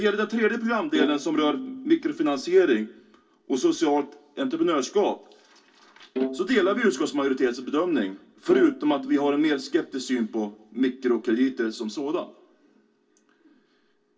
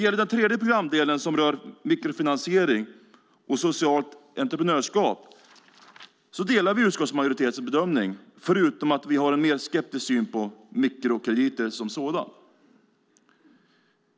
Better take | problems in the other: second | background sound (Bowed string instrument); 10 dB below the speech // room echo; dies away in 0.2 s

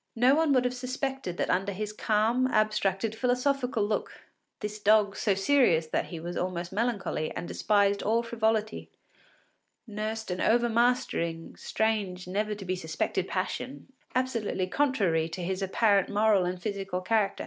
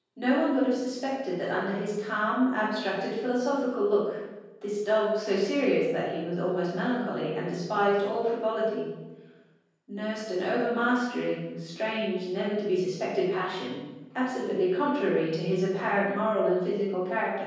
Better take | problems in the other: first | room echo; dies away in 1.3 s

